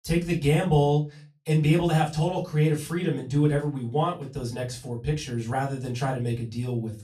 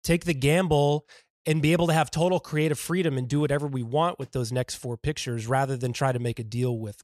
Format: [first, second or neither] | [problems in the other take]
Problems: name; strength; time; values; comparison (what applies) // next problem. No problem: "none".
second | off-mic speech; far // room echo; very slight; dies away in 0.3 s